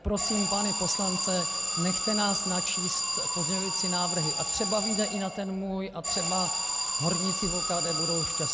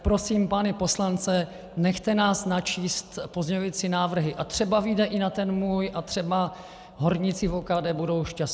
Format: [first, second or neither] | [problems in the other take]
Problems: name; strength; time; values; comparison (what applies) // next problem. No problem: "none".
second | background sound (Alarm); 2 dB above the speech